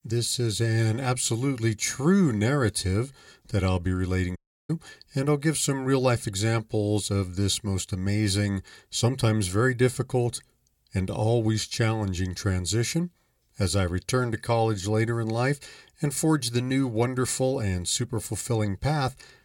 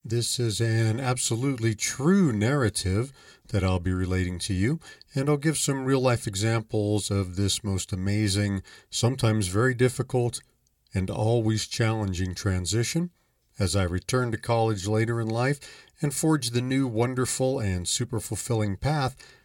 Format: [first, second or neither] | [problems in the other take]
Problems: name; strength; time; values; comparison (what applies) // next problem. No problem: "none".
second | audio cutting out; at 4.5 s